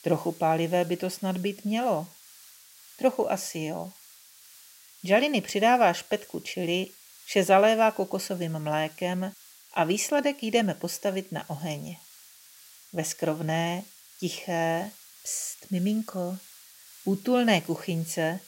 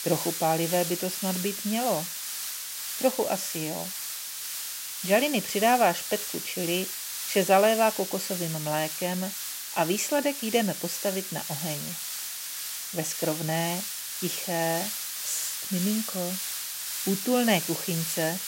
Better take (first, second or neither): first